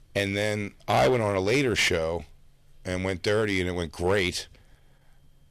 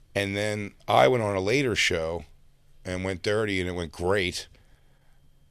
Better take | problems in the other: second | distortion; slight; 5% of the sound clipped

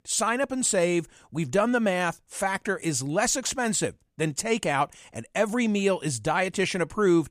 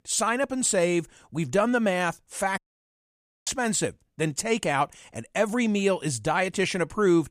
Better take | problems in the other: first | audio cutting out; at 2.5 s for 1 s

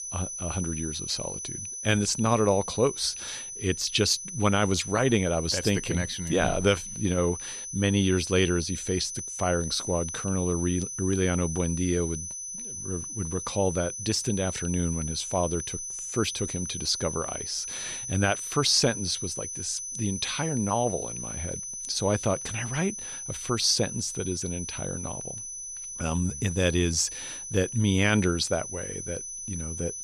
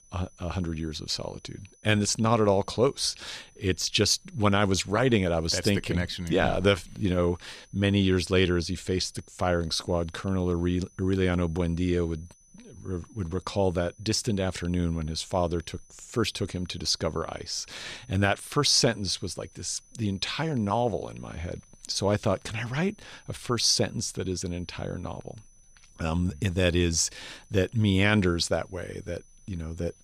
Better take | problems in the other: second | high-pitched whine; loud; throughout; 6 kHz, 6 dB below the speech; faint in the second

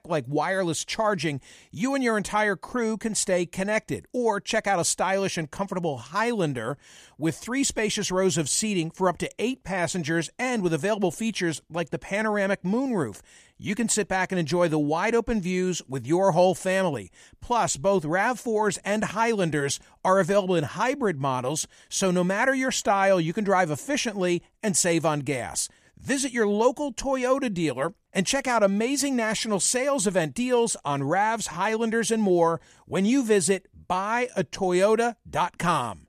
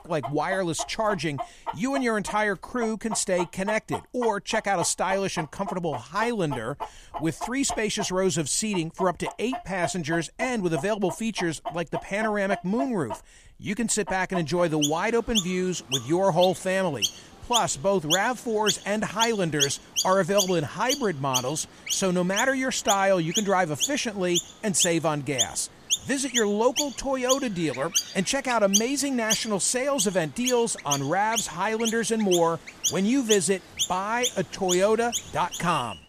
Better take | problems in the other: first | animal sounds; loud; throughout; 5 dB below the speech

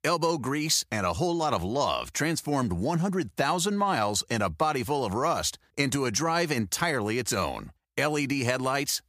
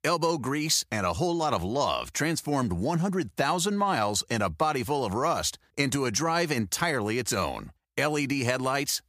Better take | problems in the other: neither | none

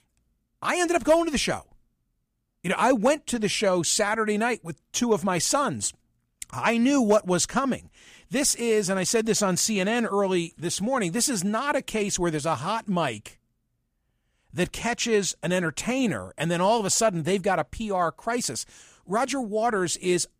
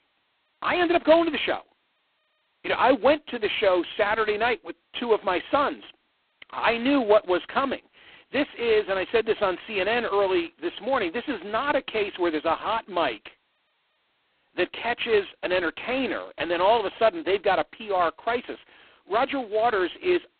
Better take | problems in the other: first | phone-call audio; poor line; nothing above 4 kHz

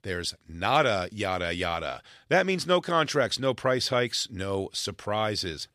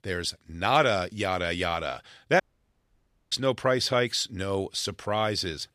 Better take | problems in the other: first | audio cutting out; at 2.5 s for 1 s

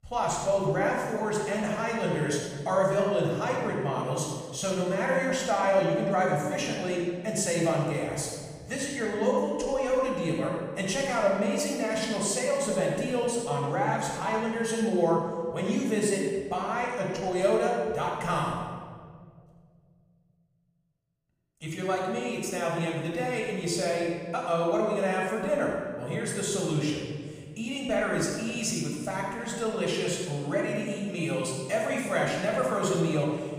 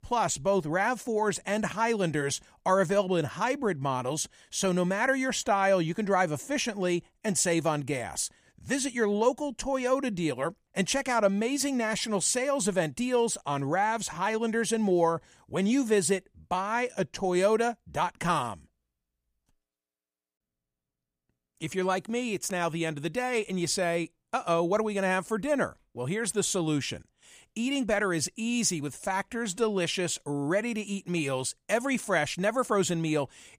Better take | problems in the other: second | off-mic speech; far // room echo; noticeable; dies away in 1.6 s

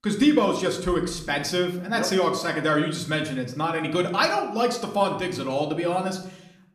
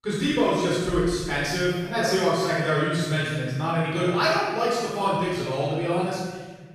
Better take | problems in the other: first | room echo; strong; dies away in 1.3 s; slight in the first // off-mic speech; far; somewhat distant in the first

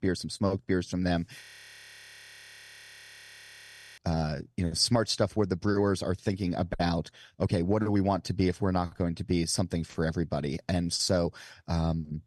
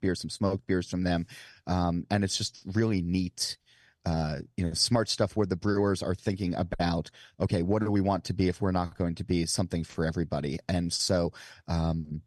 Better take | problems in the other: second | audio freezing; at 1.5 s for 2.5 s

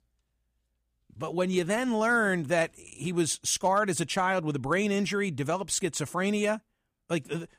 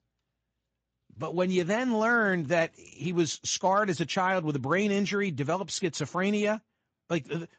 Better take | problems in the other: first | garbled, watery; slightly; nothing above 7.5 kHz

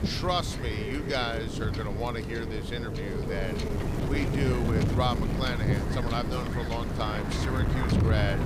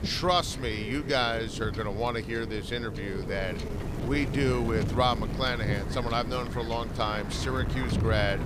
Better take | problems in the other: second | wind noise on the microphone; heavy; 3 dB below the speech; occasional gusts in the second

